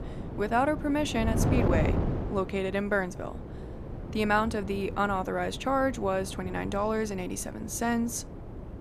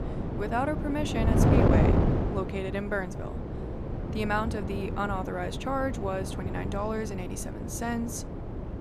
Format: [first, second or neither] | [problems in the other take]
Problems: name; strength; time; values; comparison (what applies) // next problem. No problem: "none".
first | wind noise on the microphone; heavy; 2 dB below the speech; occasional gusts in the first